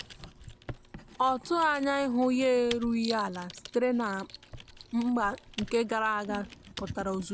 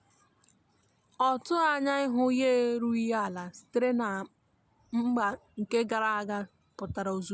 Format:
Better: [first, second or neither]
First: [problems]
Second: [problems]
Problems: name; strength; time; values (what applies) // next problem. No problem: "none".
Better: second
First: background sound (Writing + Typing); 15 dB below the speech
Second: none